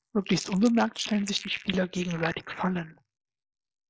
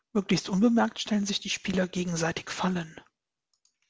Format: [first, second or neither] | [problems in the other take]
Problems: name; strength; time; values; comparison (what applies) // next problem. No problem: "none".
second | noise reduction (neural mask model Resemble Enhance denoiser)